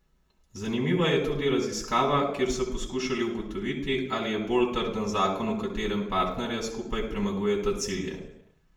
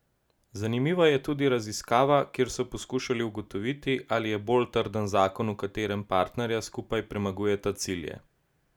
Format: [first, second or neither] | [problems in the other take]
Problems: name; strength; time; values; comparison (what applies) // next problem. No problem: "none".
second | room echo; dies away in 0.7 s